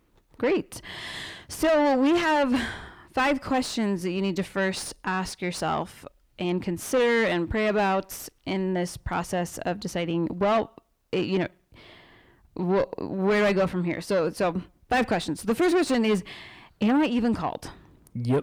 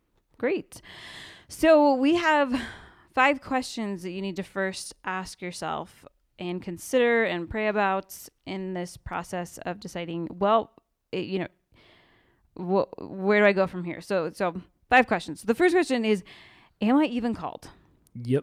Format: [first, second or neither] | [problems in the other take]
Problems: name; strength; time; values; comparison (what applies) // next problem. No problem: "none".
second | distortion; heavy; 6 dB below the speech